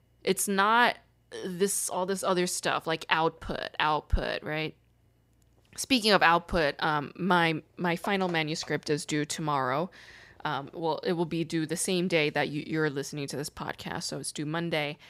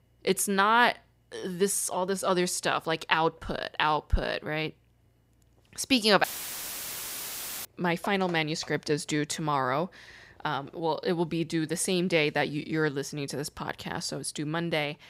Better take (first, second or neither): first